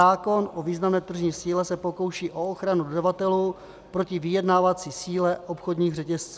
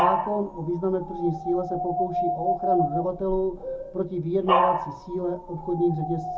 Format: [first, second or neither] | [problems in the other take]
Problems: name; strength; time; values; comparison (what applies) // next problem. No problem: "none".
first | background sound (Dog); 1 dB below the speech // room echo; dies away in 0.4 s